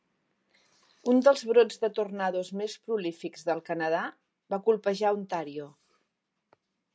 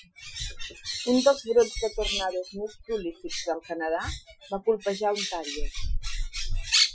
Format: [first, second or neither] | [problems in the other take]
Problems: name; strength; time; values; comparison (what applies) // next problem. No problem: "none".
first | noise reduction (classical method Wiener filter)